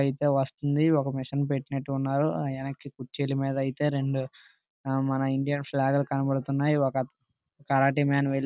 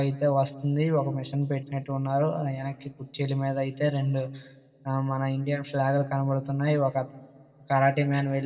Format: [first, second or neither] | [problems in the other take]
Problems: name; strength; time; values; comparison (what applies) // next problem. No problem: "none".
first | room echo; dies away in 2 s